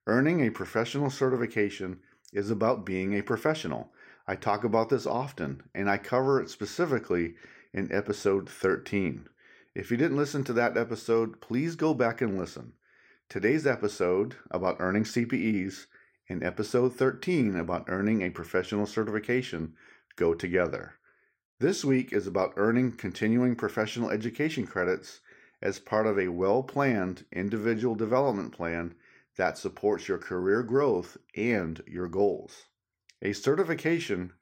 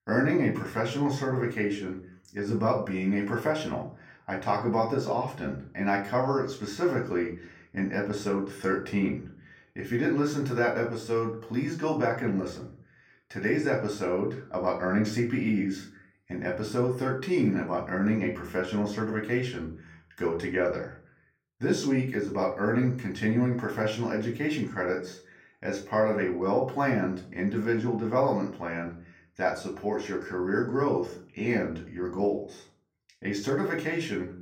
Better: first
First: none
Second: off-mic speech; somewhat distant // room echo; slight; dies away in 0.4 s

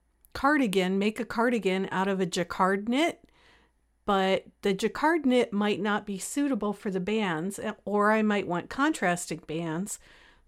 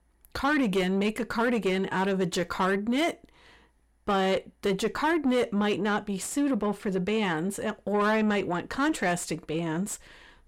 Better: first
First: none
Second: distortion; slight; 10 dB below the speech

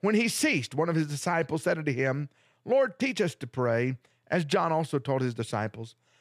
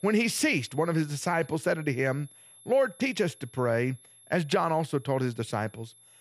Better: first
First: none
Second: high-pitched whine; faint; throughout; 11 kHz, 25 dB below the speech

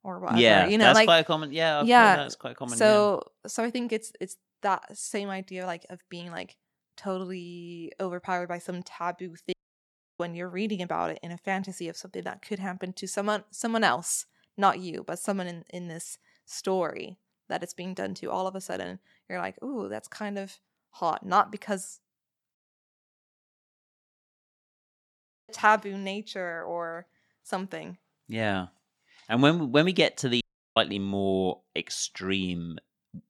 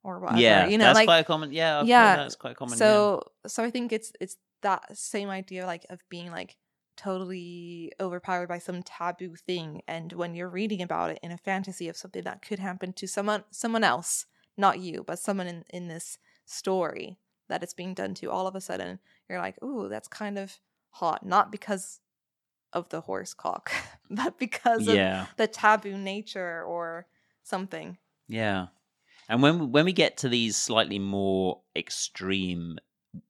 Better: second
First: audio cutting out; at 9.5 s for 0.5 s, at 23 s for 3 s and at 30 s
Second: none

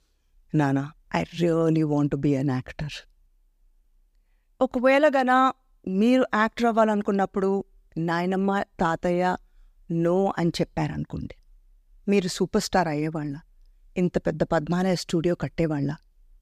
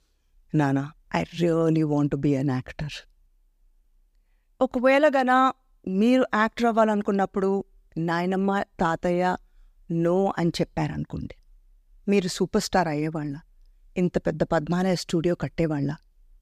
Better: neither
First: none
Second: none

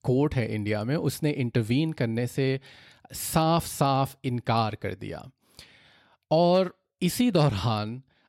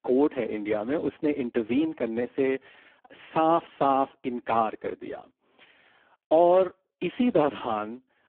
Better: first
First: none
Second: phone-call audio; poor line

